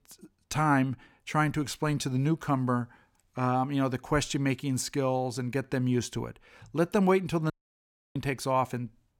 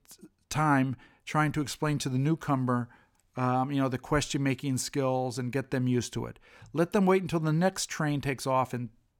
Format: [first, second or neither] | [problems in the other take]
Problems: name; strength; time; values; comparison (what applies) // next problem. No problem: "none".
second | audio cutting out; at 7.5 s for 0.5 s